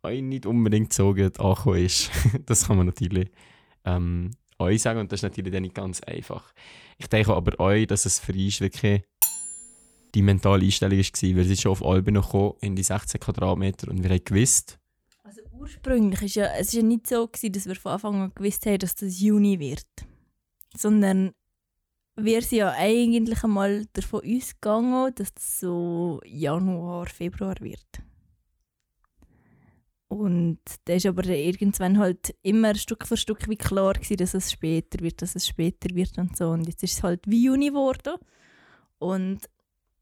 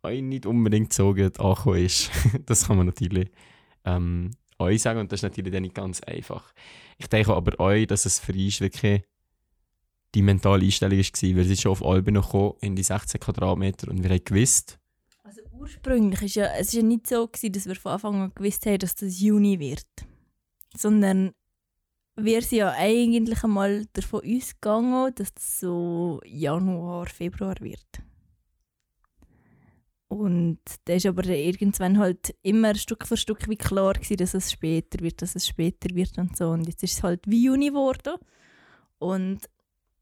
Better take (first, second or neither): second